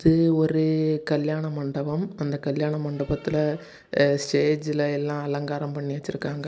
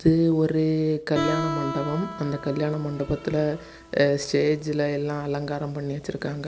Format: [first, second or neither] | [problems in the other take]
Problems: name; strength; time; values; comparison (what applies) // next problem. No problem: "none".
first | background sound (Guitar); 12 dB below the speech